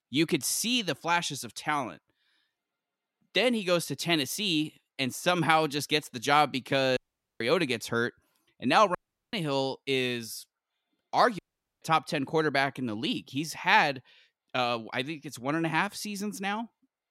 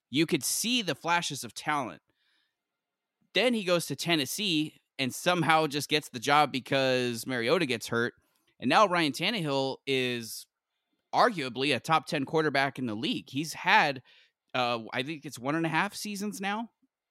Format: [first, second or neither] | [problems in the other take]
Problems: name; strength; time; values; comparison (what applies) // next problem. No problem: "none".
second | audio cutting out; at 7 s, at 9 s and at 11 s